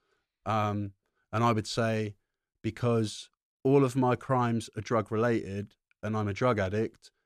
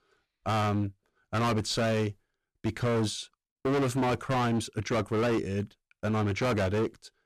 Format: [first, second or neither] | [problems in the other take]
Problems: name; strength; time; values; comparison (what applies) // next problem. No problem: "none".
first | distortion; heavy; 21% of the sound clipped